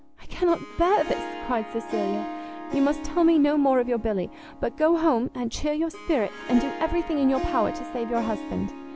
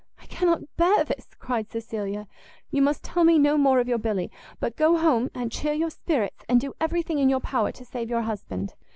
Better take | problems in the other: second | background sound (Harp); 11 dB below the speech

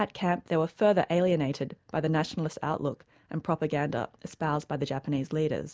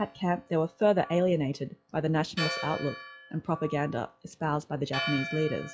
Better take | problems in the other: first | noise reduction (classical method log-MMSE)

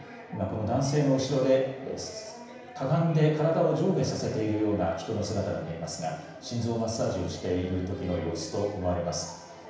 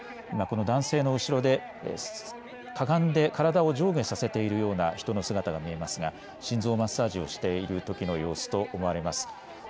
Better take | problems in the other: second | room echo; dies away in 0.9 s

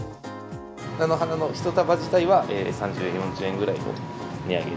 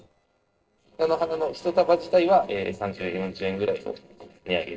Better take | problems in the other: first | noise reduction (neural separator model SepFormer DNS4)

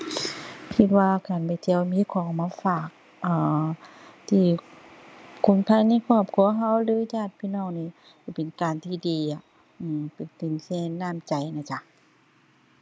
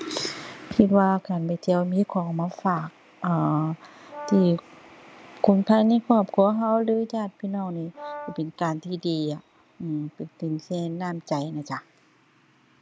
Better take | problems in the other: first | background sound (Brass instrument); 15 dB below the speech

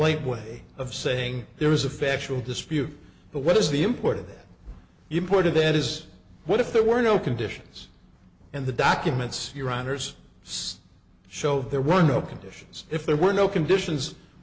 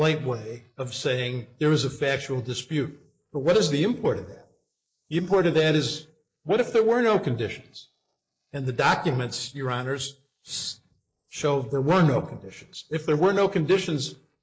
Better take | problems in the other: first | noise reduction (neural mask model Resemble Enhance denoiser)

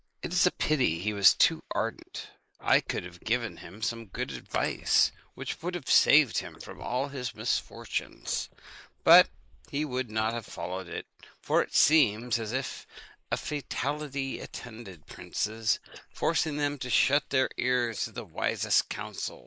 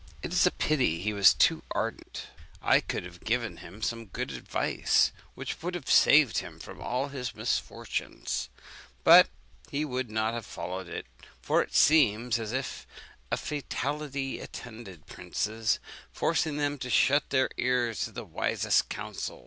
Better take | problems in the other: second | noise reduction (neural mask model Resemble Enhance denoiser)

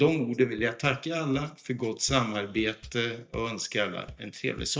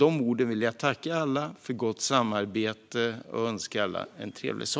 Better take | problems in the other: second | noise reduction (neural mask model DeepFilterNet 3)

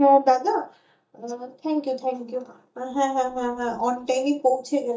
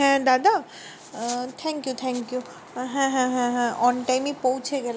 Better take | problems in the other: second | noise reduction (neural mask model DeepFilterNet 3)

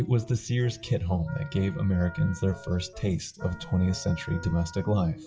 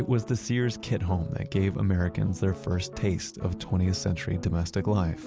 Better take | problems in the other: second | noise reduction (classical method WPE with log-MMSE)

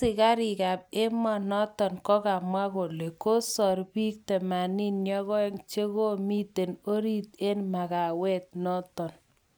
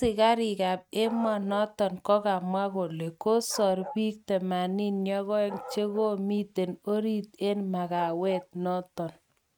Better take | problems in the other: first | noise reduction (neural mask model RNNoise)

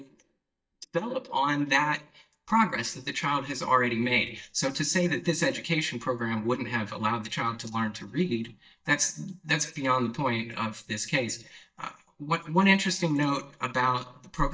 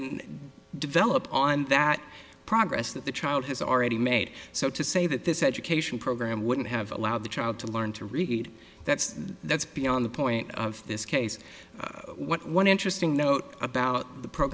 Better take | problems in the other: second | noise reduction (neural mask model DeepFilterNet 3)

